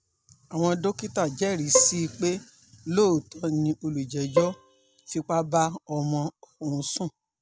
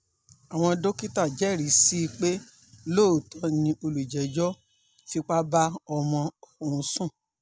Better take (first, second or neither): second